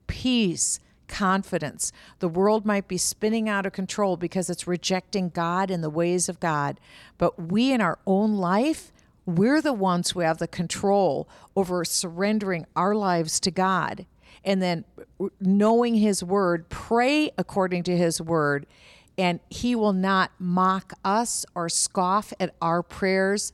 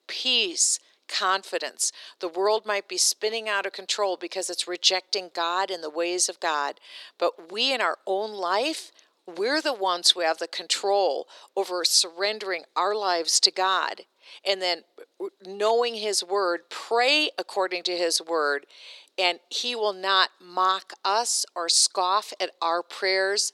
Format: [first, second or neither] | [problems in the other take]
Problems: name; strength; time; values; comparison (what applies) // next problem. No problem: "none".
first | thin; very; fading below 350 Hz